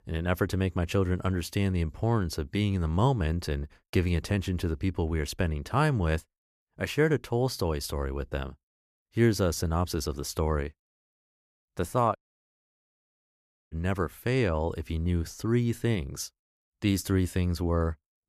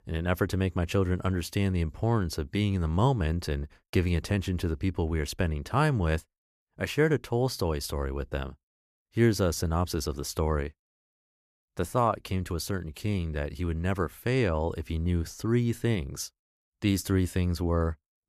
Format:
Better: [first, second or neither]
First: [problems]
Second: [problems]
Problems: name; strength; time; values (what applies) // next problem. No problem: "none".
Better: second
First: audio cutting out; at 12 s for 1.5 s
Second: none